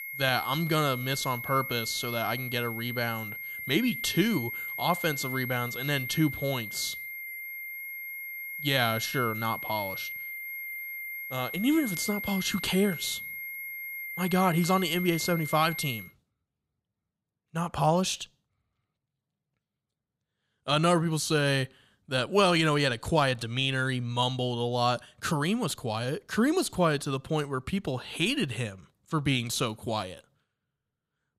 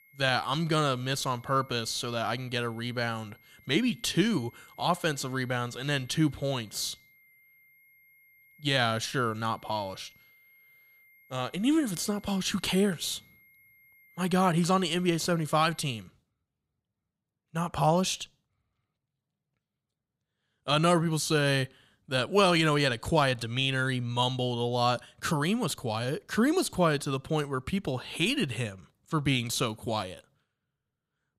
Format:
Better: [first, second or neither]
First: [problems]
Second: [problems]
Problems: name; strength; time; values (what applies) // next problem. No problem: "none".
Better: second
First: high-pitched whine; loud; until 16 s; 2 kHz, 7 dB below the speech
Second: high-pitched whine; faint; until 16 s; 2 kHz, 30 dB below the speech